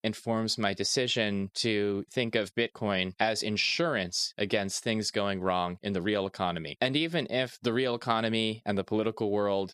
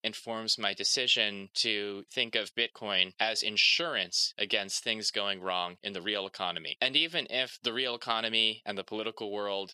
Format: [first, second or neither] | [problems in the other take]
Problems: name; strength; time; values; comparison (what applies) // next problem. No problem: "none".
first | thin; very slightly; fading below 600 Hz